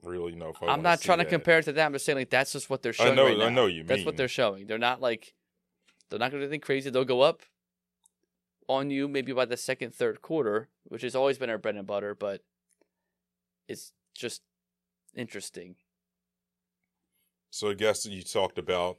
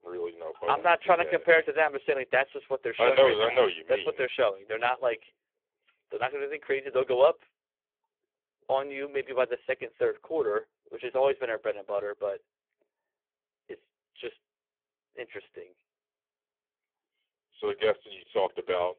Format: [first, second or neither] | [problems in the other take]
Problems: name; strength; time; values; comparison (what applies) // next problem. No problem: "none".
first | phone-call audio; poor line